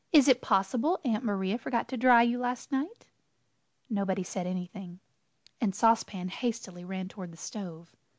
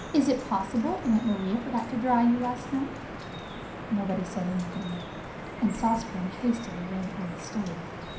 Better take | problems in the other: first | background sound (Drip); 9 dB below the speech // room echo; dies away in 0.5 s

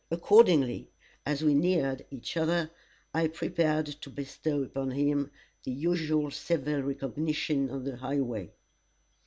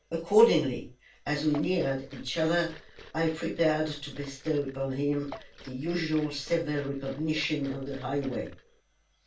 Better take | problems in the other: first | background sound (Liquid); 18 dB below the speech // room echo; dies away in 0.2 s

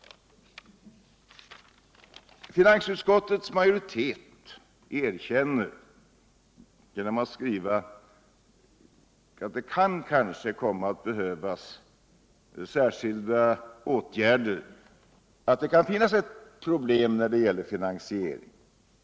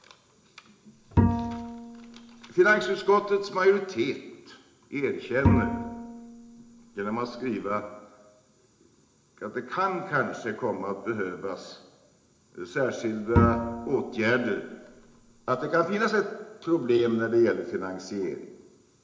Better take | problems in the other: first | background sound (Bowed string instrument); 1 dB below the speech // room echo; dies away in 0.8 s

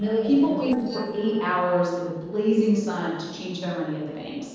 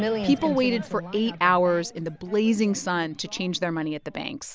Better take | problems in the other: second | noise reduction (neural separator model SepFormer DNS4)

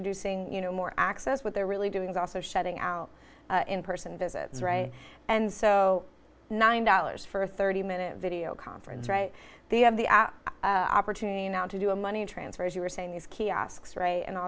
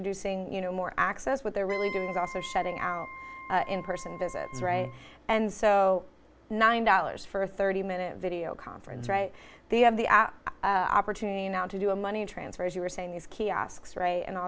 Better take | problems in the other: first | background sound (Wind instrument, woodwind instrument); 14 dB below the speech

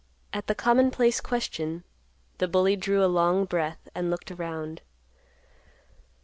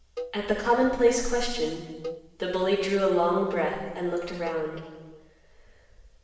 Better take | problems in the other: first | background sound (Cowbell); 16 dB below the speech // room echo; dies away in 1 s

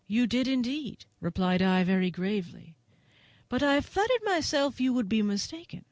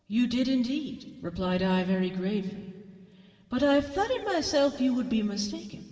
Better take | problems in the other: first | room echo; dies away in 2.2 s

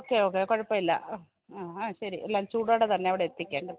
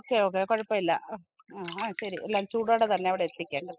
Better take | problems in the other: first | noise reduction (classical method spectral subtraction)

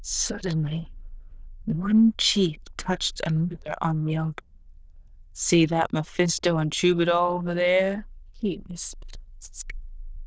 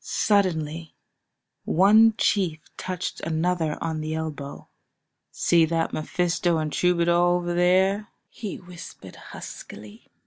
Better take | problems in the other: second | noise reduction (neural diffusion model UNIVERSE++)

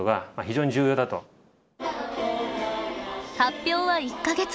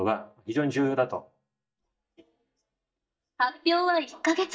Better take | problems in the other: first | noise reduction (neural mask model DeepFilterNet 3)

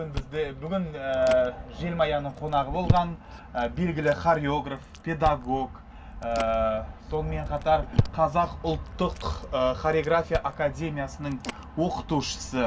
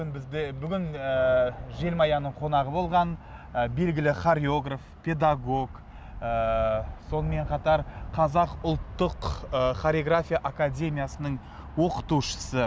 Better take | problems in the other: second | background sound (Chewing, mastication); 9 dB below the speech // room echo; dies away in 0.2 s

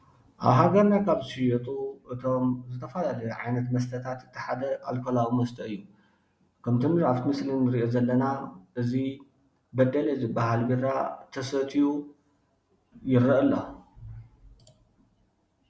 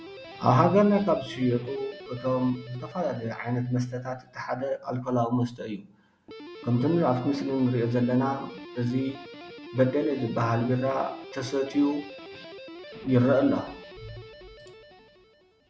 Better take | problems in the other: first | background sound (Guitar); 17 dB below the speech

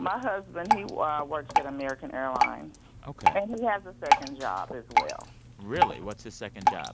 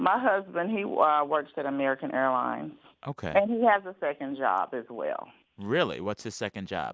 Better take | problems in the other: second | background sound (Drip); 3 dB above the speech

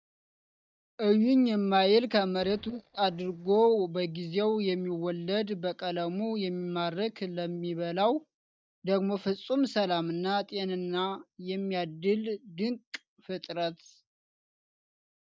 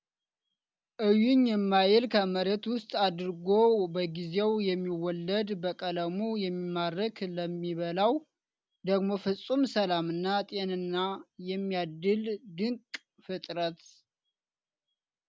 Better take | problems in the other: second | noise reduction (neural mask model DeepFilterNet 3)

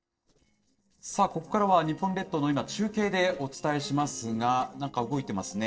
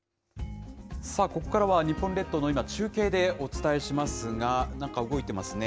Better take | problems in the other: second | noise reduction (neural separator model SepFormer DNS4)

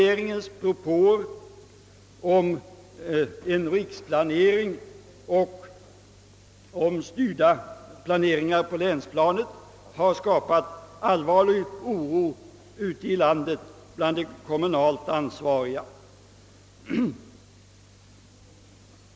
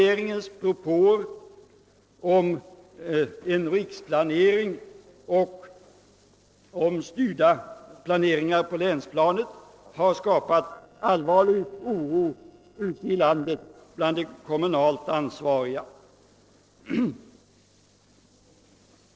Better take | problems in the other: first | noise reduction (neural separator model SepFormer DNS4)

